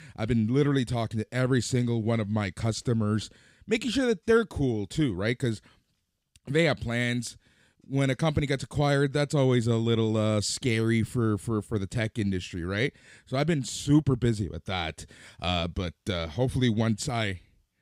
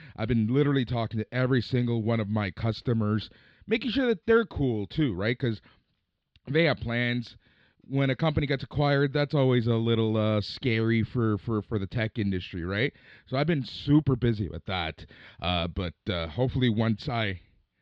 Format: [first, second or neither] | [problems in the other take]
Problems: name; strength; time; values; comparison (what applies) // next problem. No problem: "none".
first | muffled; very slightly; fading above 4 kHz